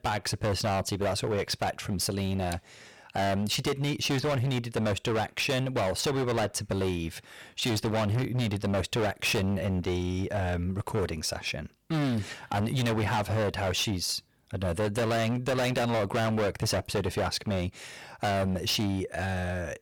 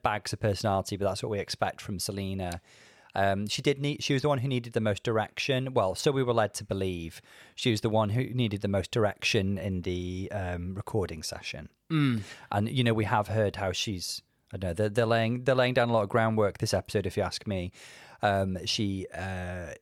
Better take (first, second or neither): second